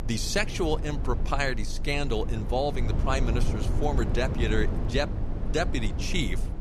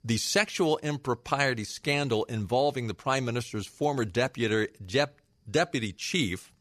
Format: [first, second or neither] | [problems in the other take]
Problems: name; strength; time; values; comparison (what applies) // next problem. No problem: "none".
second | low rumble; noticeable; throughout; 10 dB below the speech